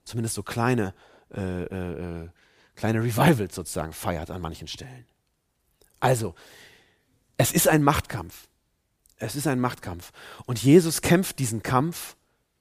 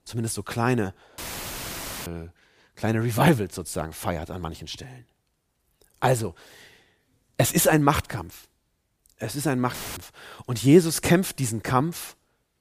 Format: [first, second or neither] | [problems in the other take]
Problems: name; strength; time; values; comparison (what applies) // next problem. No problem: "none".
first | audio cutting out; filled with static; at 1 s for 1 s and at 9.5 s